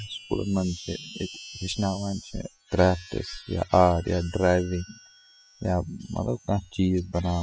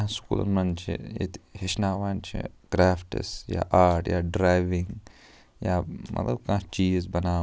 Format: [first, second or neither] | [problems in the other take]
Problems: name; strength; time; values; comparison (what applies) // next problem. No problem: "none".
second | noise reduction (classical method spectral subtraction)